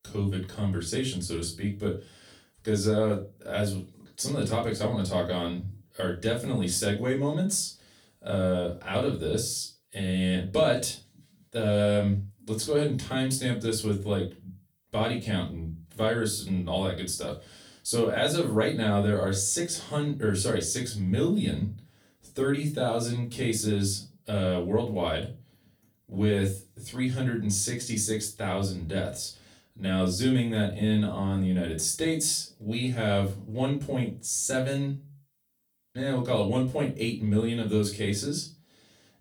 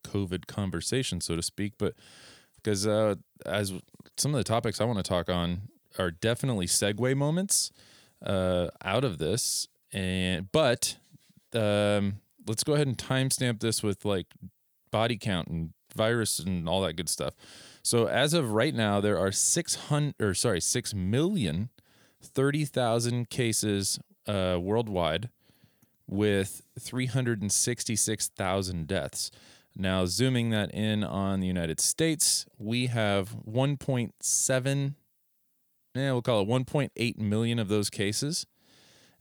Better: second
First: off-mic speech; far // room echo; slight; dies away in 0.3 s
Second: none

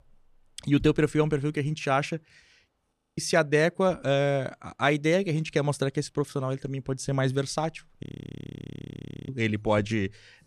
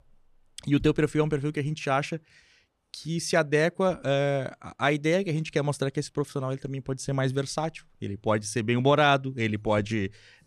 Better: second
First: audio freezing; at 3 s and at 8 s for 1.5 s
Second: none

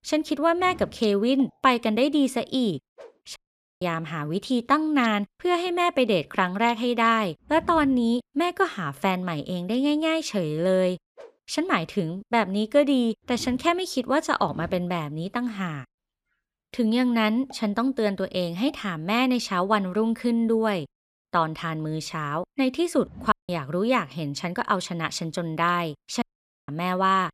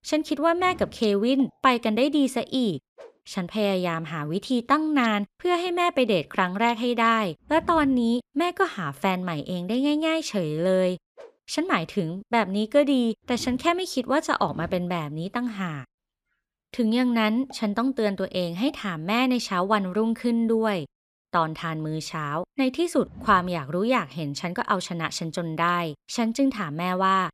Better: second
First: audio cutting out; at 3.5 s, at 23 s and at 26 s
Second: none

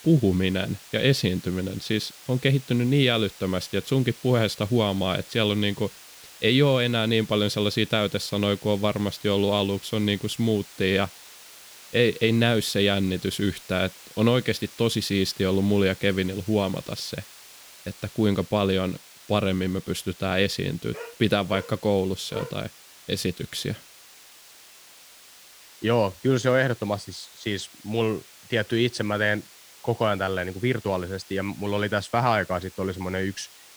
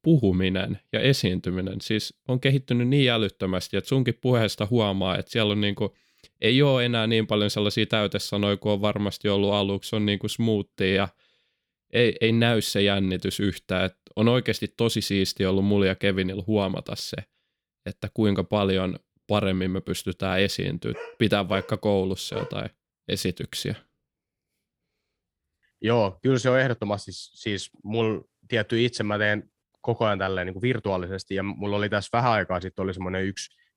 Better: second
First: hiss; noticeable; throughout; 20 dB below the speech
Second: none

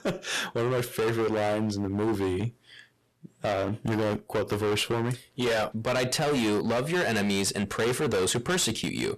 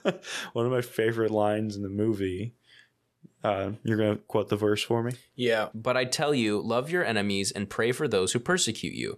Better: second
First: distortion; heavy; 24% of the sound clipped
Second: none

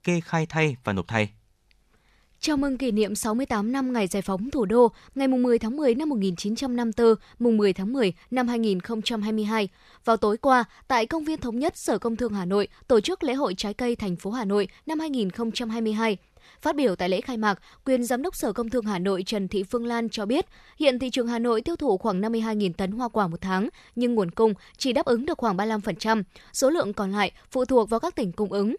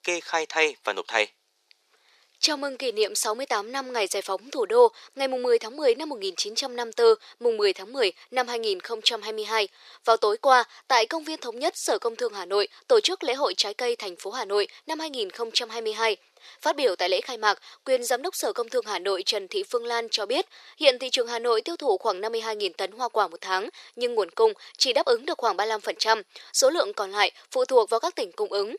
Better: first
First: none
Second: thin; very; fading below 400 Hz

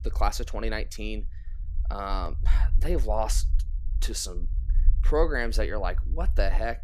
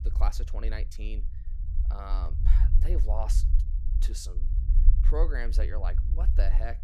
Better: first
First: low rumble; faint; throughout; 20 dB below the speech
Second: low rumble; loud; throughout; 10 dB below the speech

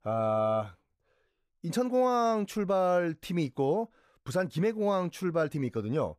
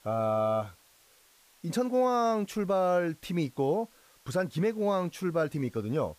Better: first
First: none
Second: hiss; faint; throughout; 30 dB below the speech

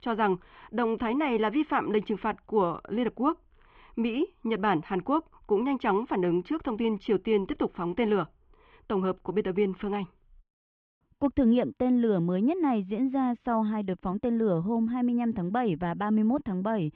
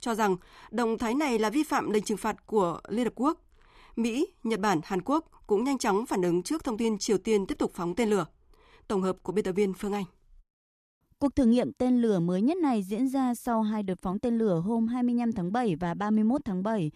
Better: second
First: muffled; very; fading above 3 kHz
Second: none

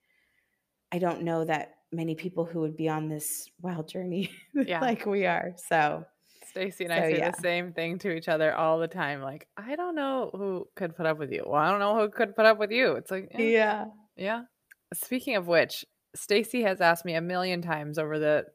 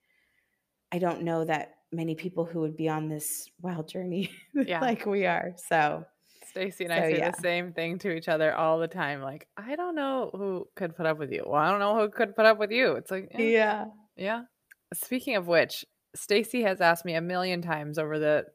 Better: neither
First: none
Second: none

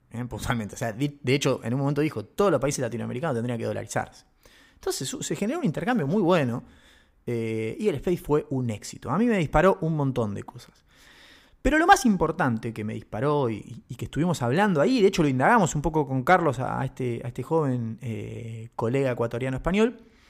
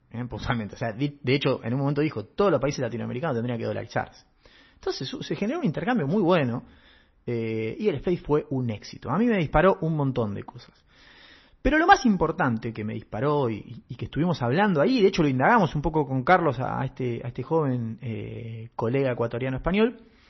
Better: first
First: none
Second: garbled, watery; slightly; nothing above 6 kHz

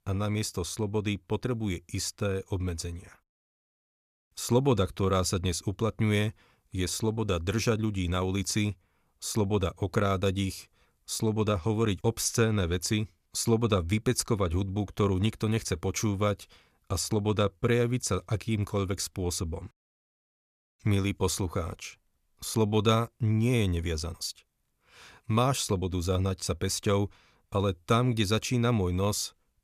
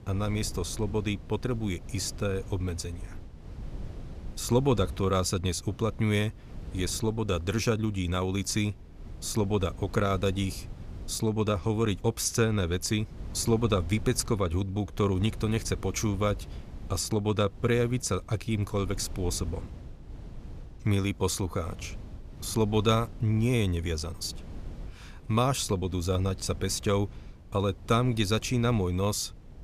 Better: first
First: none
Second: wind noise on the microphone; occasional gusts; 20 dB below the speech

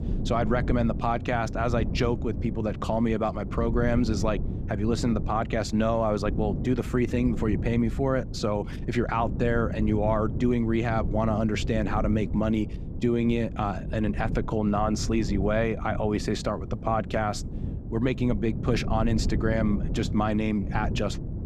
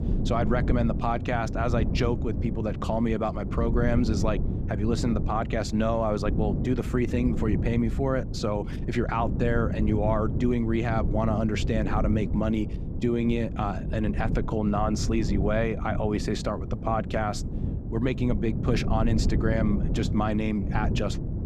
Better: first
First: wind noise on the microphone; occasional gusts; 15 dB below the speech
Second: wind noise on the microphone; heavy; 10 dB below the speech

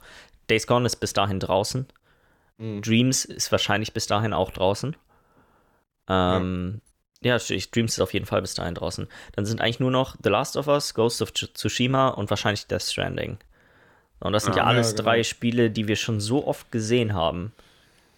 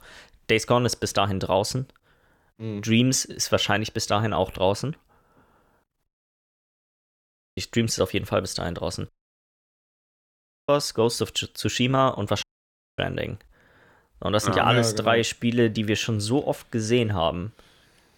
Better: first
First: none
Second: audio cutting out; at 6 s for 1.5 s, at 9 s for 1.5 s and at 12 s for 0.5 s

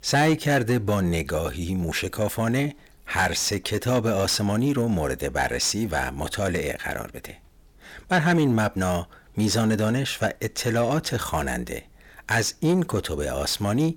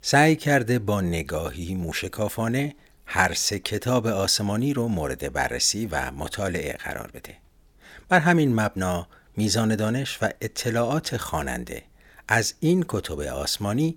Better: second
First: distortion; slight; 10 dB below the speech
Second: none

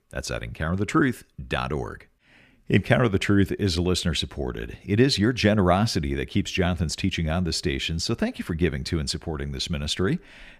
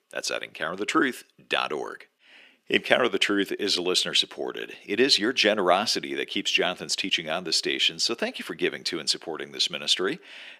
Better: first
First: none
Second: thin; somewhat; fading below 350 Hz

